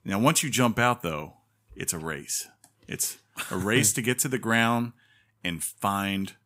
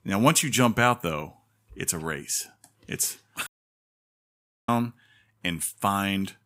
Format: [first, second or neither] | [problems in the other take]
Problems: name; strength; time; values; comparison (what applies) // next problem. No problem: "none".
first | audio cutting out; at 3.5 s for 1 s